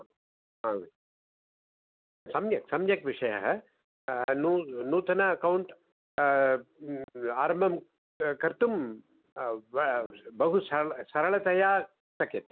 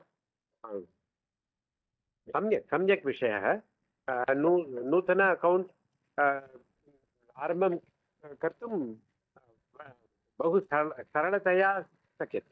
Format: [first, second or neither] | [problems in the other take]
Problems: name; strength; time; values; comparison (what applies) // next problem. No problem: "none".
first | noise reduction (neural mask model DeepFilterNet 3)